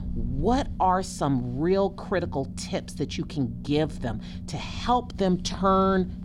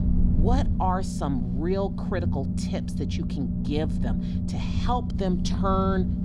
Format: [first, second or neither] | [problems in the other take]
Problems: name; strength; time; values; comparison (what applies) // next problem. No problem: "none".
first | low rumble; loud; throughout; 7 dB below the speech; faint in the first